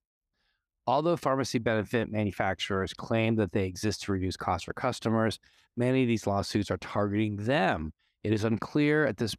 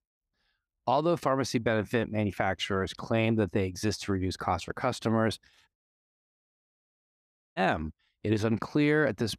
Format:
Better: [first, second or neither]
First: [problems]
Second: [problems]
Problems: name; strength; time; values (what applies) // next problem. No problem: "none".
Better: first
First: none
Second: audio cutting out; at 6 s for 2 s